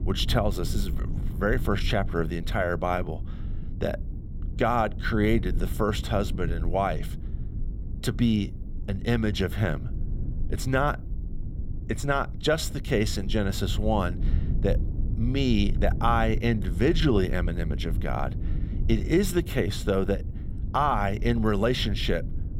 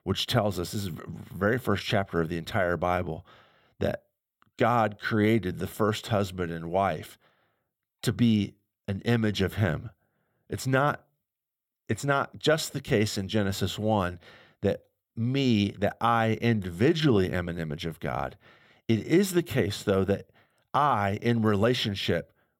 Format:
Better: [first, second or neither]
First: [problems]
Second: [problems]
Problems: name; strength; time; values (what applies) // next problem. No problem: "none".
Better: second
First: low rumble; noticeable; throughout; 20 dB below the speech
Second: none